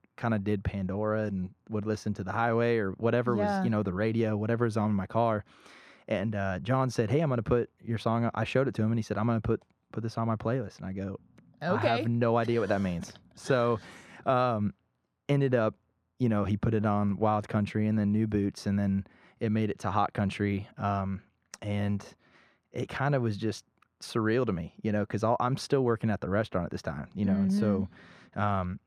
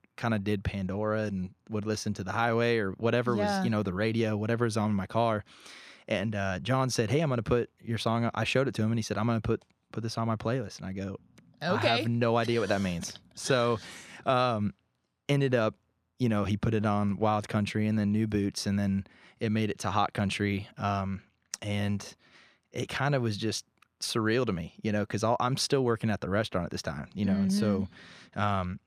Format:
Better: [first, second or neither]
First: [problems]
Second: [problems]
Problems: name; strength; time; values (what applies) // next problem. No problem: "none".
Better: second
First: muffled; slightly; fading above 2 kHz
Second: none